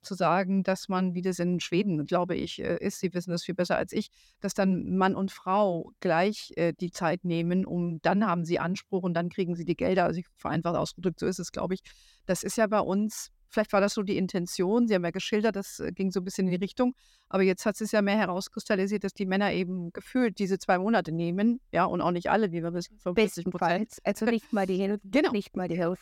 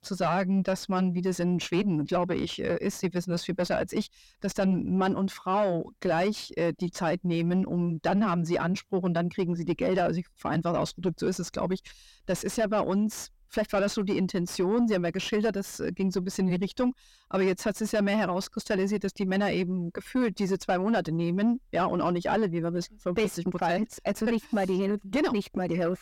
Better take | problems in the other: first | distortion; slight; 10 dB below the speech

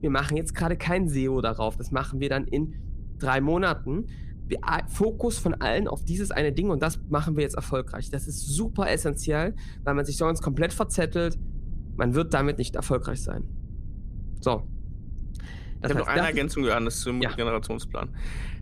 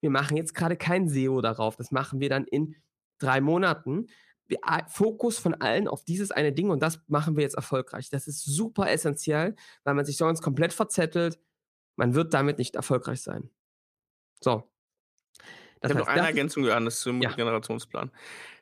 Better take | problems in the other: second | low rumble; faint; throughout; 25 dB below the speech

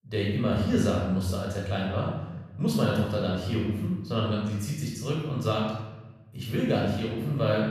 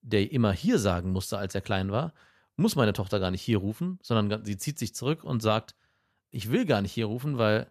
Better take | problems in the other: second | off-mic speech; far // room echo; noticeable; dies away in 1 s

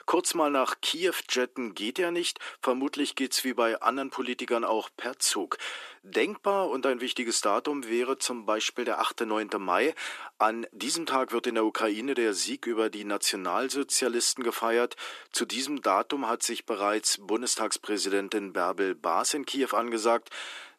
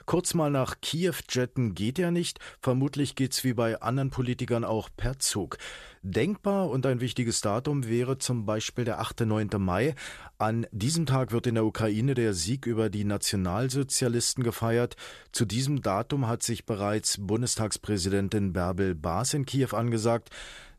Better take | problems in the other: second | thin; somewhat; fading below 250 Hz

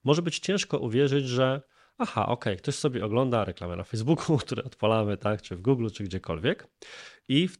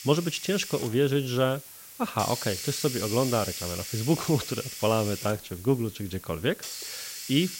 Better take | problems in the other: first | hiss; loud; throughout; 8 dB below the speech

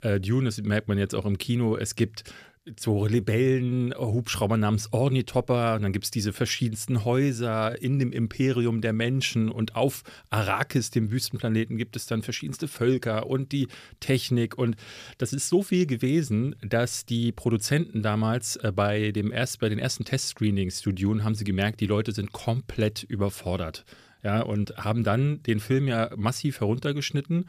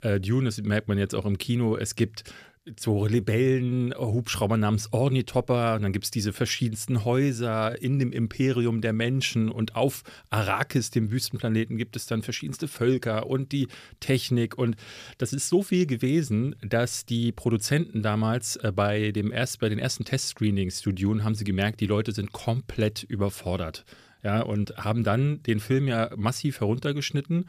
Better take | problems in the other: neither | none

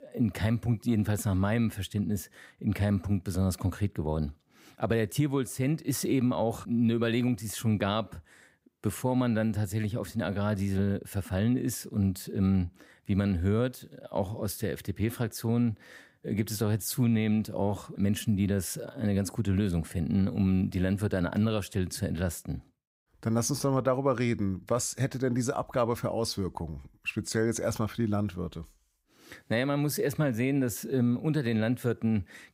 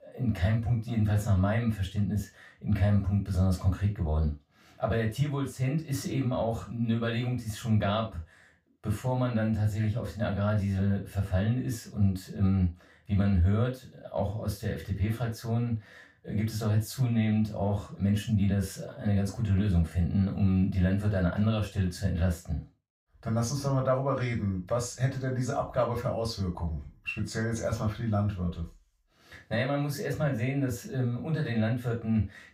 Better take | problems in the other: first | room echo; slight; dies away in 0.2 s // off-mic speech; far

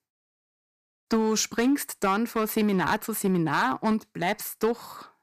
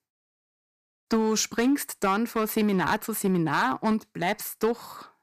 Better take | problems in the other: neither | distortion; slight; 4% of the sound clipped; the same in both

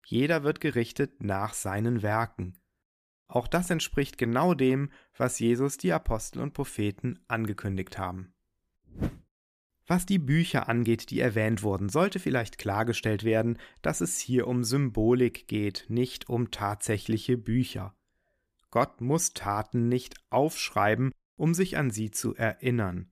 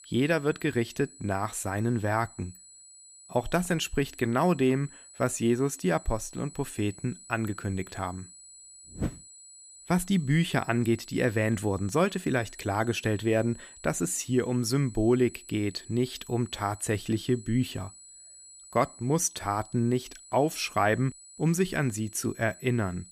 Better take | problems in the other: first | high-pitched whine; noticeable; throughout; 8 kHz, 20 dB below the speech

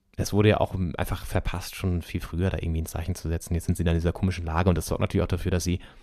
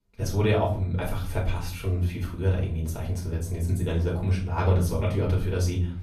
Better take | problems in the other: first | off-mic speech; far // room echo; slight; dies away in 0.5 s

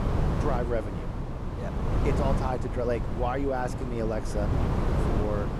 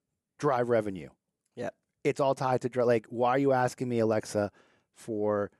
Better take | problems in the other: second | wind noise on the microphone; heavy; 4 dB below the speech

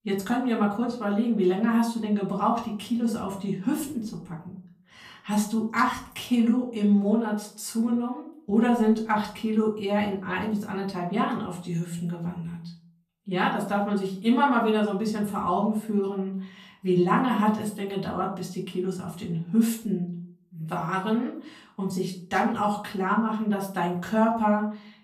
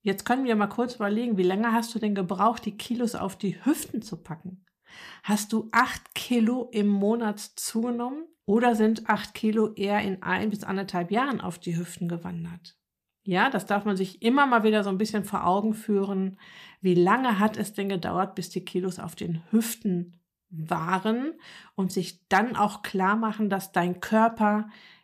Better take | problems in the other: second | off-mic speech; far // room echo; slight; dies away in 0.4 s

